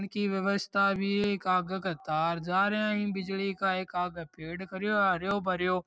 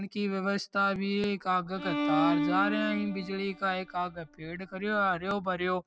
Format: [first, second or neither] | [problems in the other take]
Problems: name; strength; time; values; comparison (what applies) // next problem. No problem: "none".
first | background sound (Bowed string instrument); 3 dB below the speech